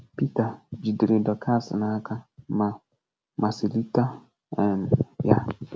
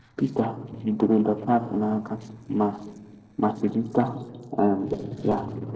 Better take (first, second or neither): first